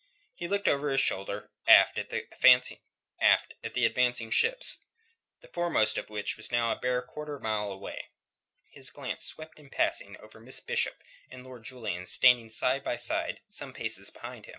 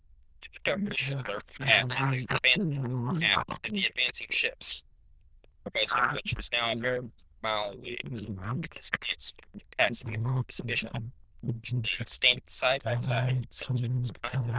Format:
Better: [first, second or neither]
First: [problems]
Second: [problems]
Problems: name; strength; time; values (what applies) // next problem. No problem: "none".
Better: first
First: none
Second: noise reduction (neural diffusion model UNIVERSE++)